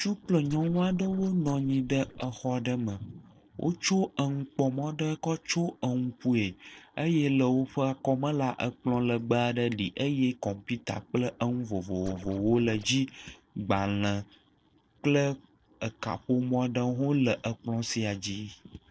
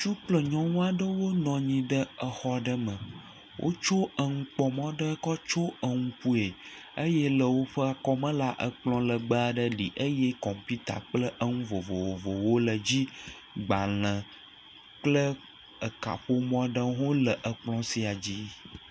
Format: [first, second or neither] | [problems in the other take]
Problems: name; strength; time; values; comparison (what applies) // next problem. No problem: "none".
second | noise reduction (neural separator model SepFormer DNS4)